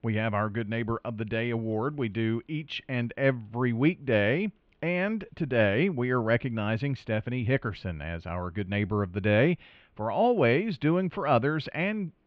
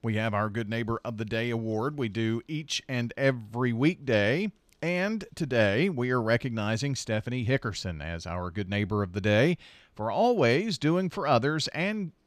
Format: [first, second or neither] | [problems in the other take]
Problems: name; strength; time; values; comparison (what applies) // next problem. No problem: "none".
second | muffled; very; fading above 3 kHz